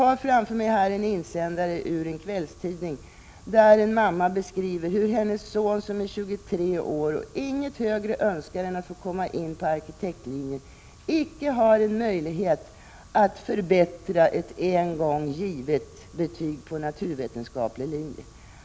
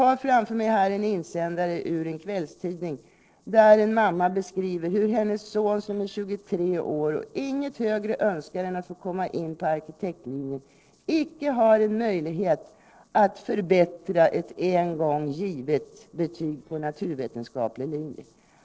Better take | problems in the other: first | noise reduction (neural separator model SepFormer DNS4)

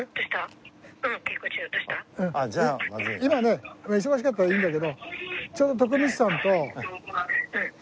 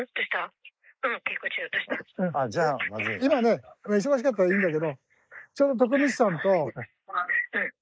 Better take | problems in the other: first | noise reduction (neural mask model Resemble Enhance denoiser)

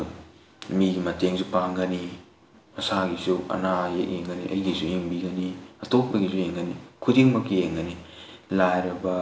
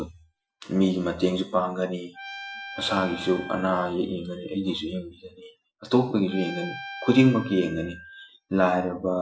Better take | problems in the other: first | noise reduction (classical method Wiener filter)

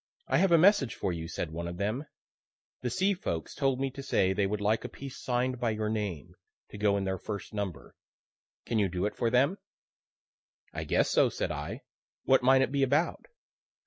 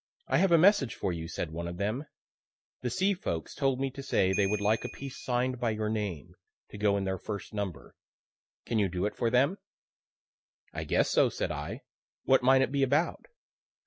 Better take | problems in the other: first | background sound (Ringtone / Bell); 11 dB below the speech

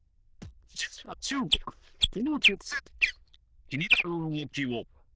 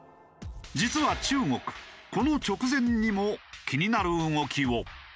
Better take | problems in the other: second | noise reduction (neural diffusion model UNIVERSE++)

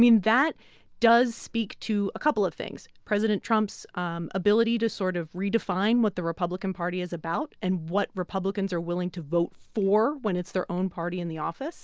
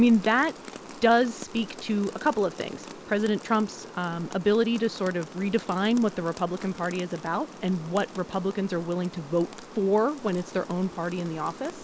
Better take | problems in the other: first | background sound (Rain); 16 dB below the speech

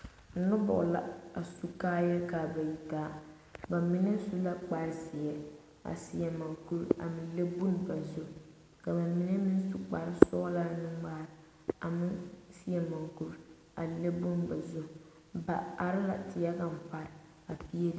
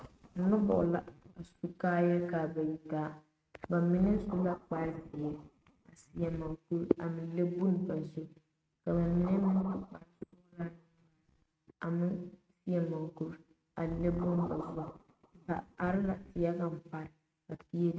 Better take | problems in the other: first | noise reduction (neural mask model RNNoise)

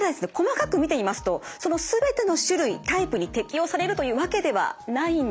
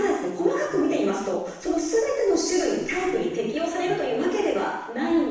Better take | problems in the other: first | noise reduction (neural separator model SepFormer DNS4)

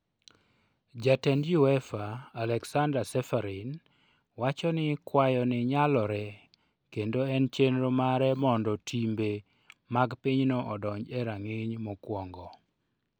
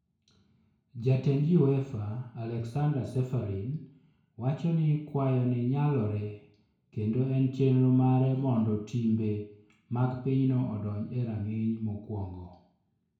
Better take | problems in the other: first | room echo; dies away in 0.5 s

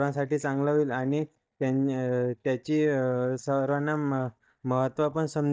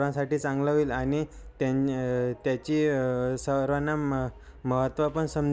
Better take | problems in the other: second | noise reduction (neural mask model DeepFilterNet 3)

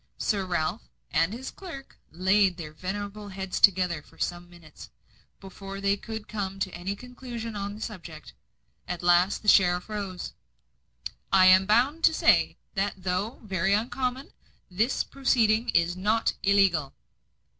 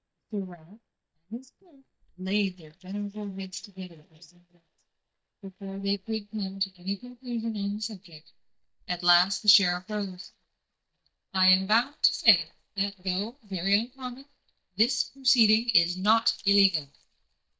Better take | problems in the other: first | noise reduction (neural mask model DeepFilterNet 3)

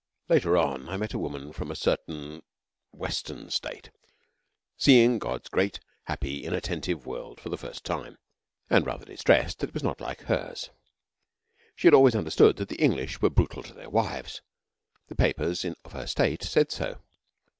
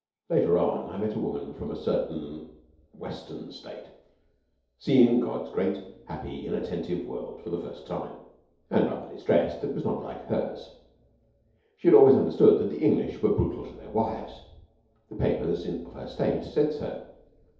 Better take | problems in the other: first | room echo; dies away in 0.8 s

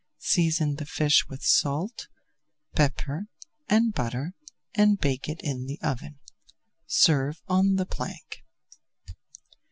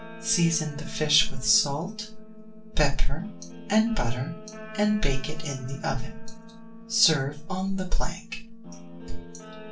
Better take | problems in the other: first | background sound (Guitar); 18 dB below the speech // room echo; dies away in 0.2 s

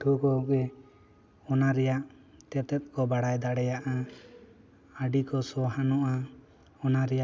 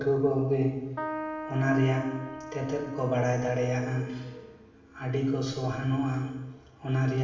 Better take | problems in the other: first | background sound (Keyboard (musical)); 11 dB below the speech // room echo; dies away in 0.9 s

